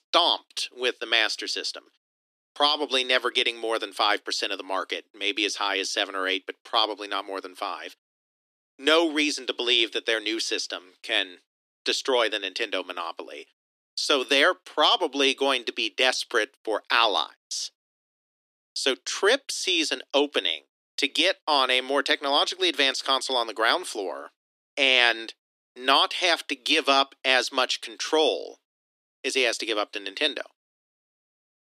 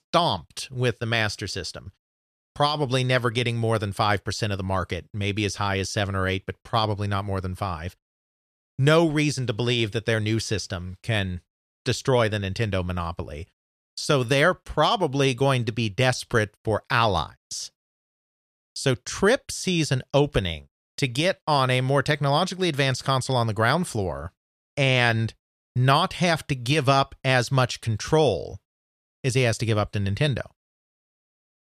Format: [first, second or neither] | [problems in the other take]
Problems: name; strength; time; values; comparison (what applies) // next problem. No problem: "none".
second | thin; somewhat; fading below 250 Hz